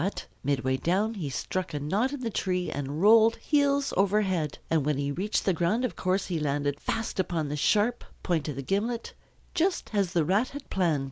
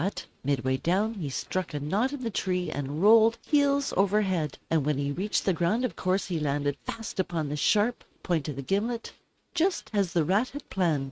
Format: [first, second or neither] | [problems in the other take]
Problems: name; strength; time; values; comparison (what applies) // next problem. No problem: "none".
first | noise reduction (neural mask model RNNoise)